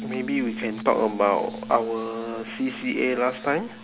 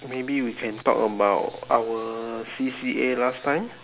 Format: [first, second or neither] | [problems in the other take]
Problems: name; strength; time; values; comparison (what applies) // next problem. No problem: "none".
second | background sound (Piano); 12 dB below the speech